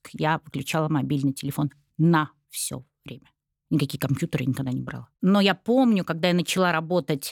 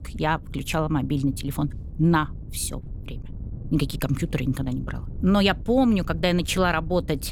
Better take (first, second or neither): first